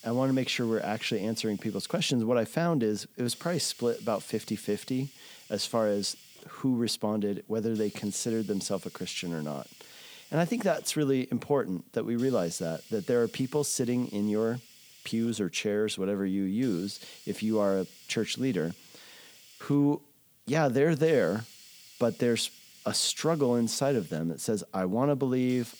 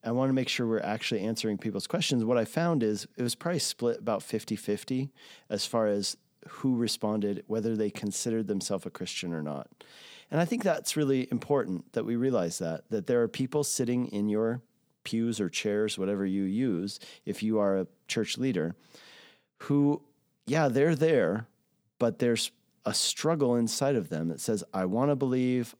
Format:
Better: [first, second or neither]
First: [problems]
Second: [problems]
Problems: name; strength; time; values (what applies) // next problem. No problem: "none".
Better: second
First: hiss; faint; throughout; 20 dB below the speech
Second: none